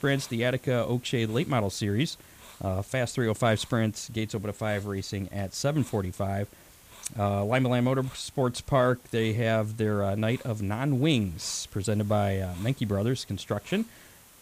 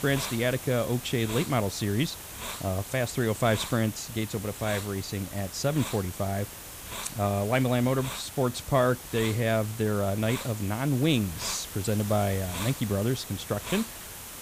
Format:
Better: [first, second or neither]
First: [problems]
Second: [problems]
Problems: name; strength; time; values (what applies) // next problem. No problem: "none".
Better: first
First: hiss; faint; throughout; 25 dB below the speech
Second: hiss; loud; throughout; 9 dB below the speech